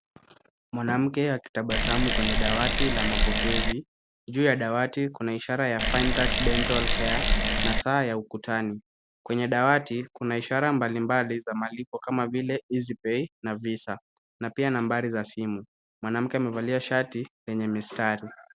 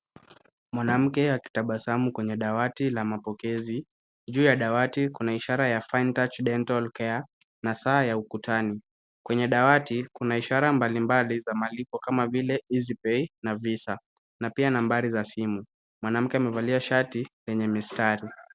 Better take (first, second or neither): second